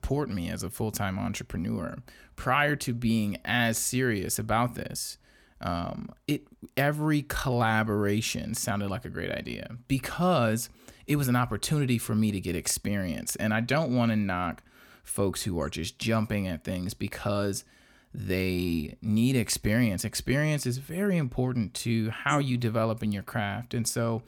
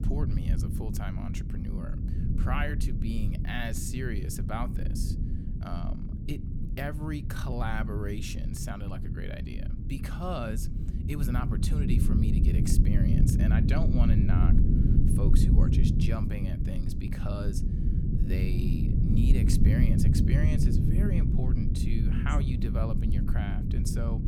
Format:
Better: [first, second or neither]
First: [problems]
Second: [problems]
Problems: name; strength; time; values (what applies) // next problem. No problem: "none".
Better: first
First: none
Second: low rumble; loud; throughout; 1 dB below the speech